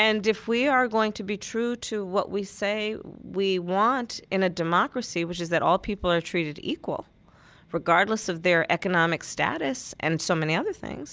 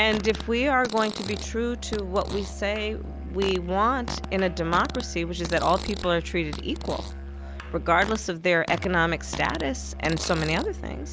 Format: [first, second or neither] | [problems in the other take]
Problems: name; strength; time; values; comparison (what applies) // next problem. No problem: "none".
first | background sound (Musical instrument + Fart); 8 dB below the speech